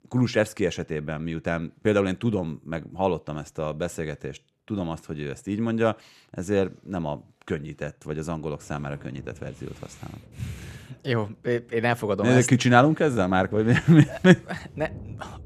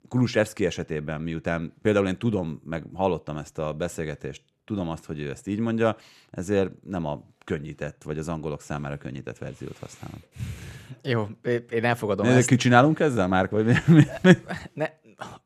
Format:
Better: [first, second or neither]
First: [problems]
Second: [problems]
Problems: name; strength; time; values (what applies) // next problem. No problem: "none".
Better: second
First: rain or running water; faint; throughout; 25 dB below the speech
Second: none